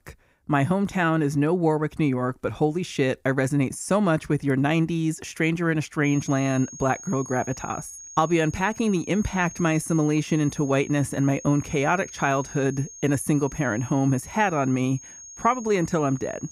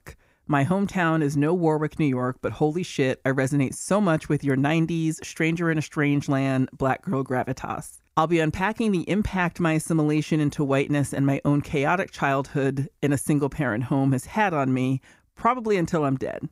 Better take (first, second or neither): second